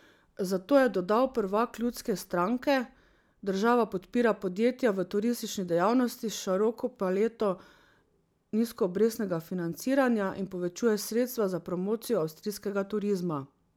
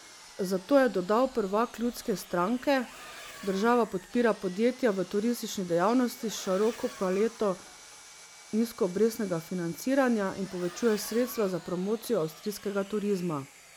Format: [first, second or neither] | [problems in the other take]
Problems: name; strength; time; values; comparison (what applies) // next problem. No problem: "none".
first | background sound (Sawing + Accelerating, revving, vroom); 19 dB below the speech